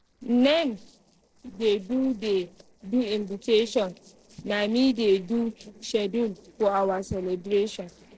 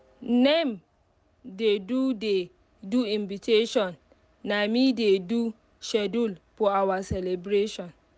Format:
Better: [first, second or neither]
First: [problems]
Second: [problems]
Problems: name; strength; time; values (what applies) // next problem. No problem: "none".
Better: second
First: noise reduction (neural separator model SepFormer DNS4)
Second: none